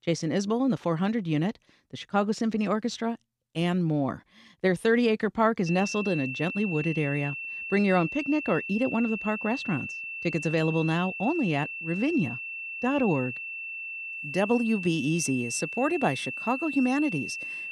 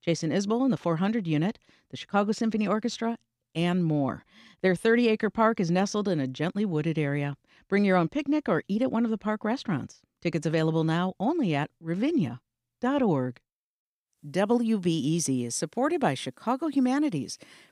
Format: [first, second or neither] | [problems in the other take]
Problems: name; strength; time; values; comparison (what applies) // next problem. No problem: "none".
second | high-pitched whine; loud; from 5.5 s on; 2.5 kHz, 6 dB below the speech